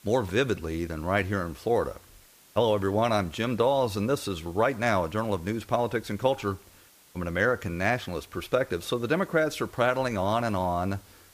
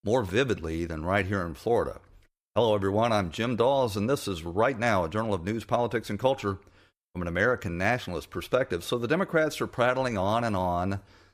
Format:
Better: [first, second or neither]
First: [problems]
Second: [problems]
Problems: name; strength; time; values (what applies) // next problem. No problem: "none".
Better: second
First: hiss; faint; throughout; 25 dB below the speech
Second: none